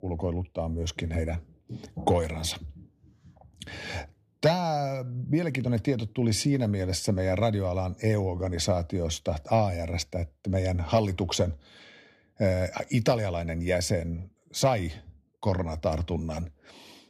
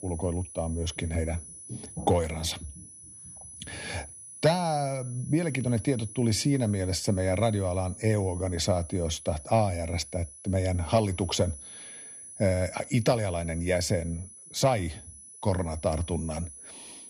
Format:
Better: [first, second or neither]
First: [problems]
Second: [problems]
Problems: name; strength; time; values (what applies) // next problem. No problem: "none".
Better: first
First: none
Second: high-pitched whine; noticeable; throughout; 10 kHz, 15 dB below the speech